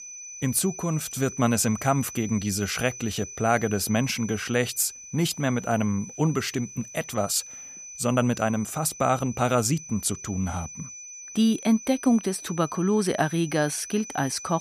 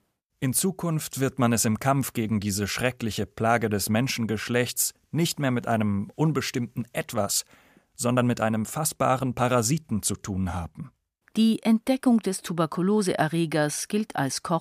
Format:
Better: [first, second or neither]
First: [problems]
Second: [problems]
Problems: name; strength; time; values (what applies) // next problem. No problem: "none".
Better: second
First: high-pitched whine; noticeable; throughout; 6 kHz, 15 dB below the speech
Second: none